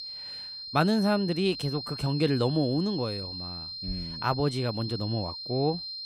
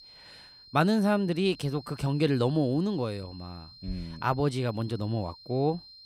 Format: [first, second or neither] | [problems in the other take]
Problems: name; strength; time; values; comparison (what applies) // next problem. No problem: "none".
second | high-pitched whine; loud; throughout; 4 kHz, 8 dB below the speech; faint in the second